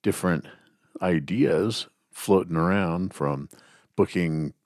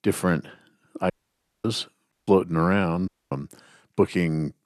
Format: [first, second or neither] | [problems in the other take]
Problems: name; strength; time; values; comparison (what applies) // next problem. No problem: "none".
first | audio cutting out; at 1 s for 0.5 s, at 2 s and at 3 s